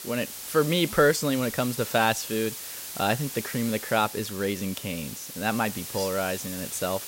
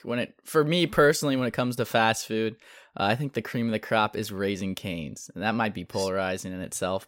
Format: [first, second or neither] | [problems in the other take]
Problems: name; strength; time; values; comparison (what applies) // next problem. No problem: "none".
second | hiss; loud; throughout; 8 dB below the speech